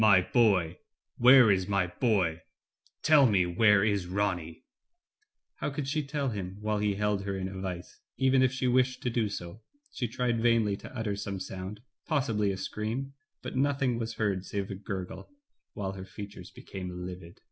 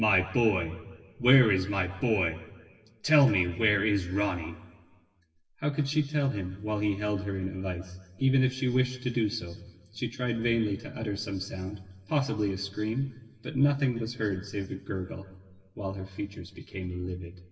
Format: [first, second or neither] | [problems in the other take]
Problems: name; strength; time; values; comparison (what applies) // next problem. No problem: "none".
first | room echo; dies away in 1.3 s